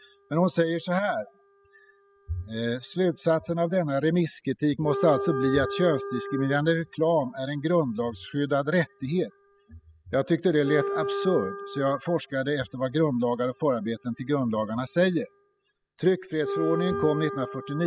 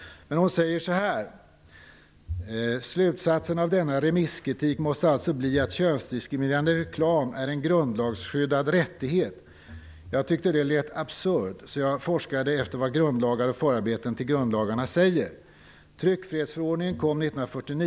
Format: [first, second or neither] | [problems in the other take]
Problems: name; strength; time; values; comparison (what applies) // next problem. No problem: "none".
second | noise reduction (classical method spectral subtraction)